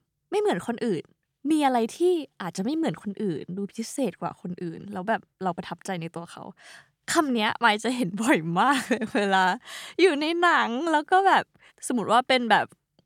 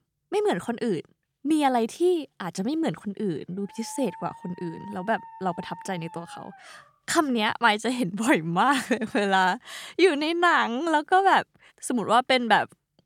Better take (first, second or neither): first